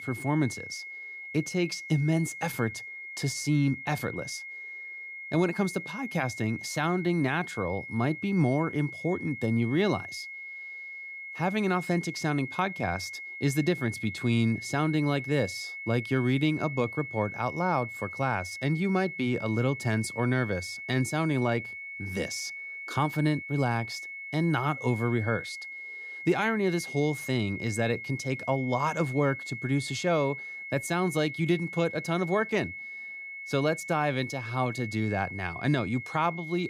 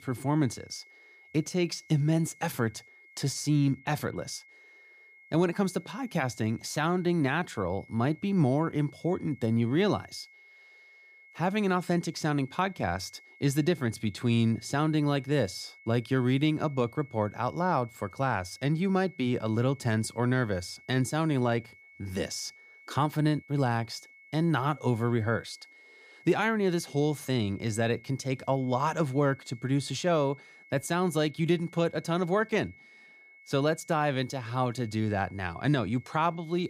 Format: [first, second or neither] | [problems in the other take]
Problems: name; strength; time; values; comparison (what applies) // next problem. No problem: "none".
second | high-pitched whine; loud; throughout; 2 kHz, 9 dB below the speech; faint in the second